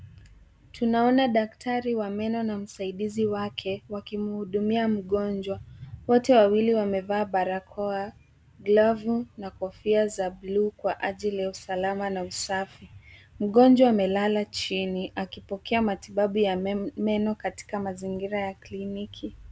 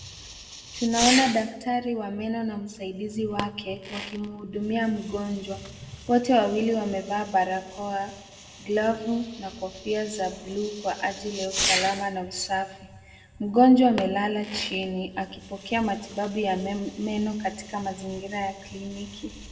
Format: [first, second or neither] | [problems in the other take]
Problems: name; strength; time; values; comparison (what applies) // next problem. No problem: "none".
first | background sound (Fireworks); 10 dB below the speech // room echo; dies away in 1.1 s